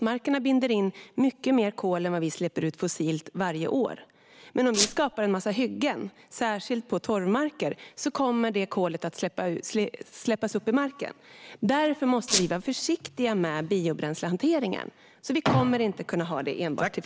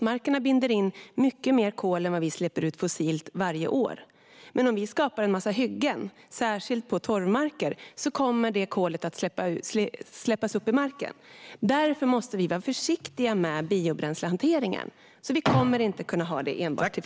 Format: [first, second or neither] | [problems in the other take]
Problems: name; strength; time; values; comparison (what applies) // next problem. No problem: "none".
second | background sound (Squeak); 1 dB below the speech